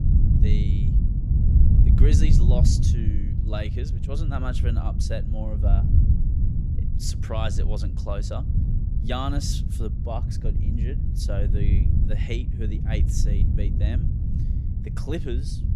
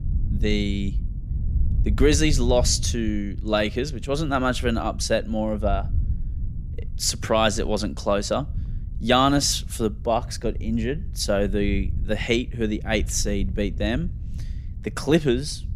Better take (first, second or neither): second